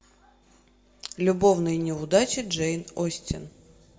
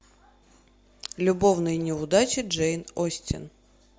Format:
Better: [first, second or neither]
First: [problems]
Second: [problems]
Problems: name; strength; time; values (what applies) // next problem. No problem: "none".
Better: second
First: room echo; dies away in 2 s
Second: none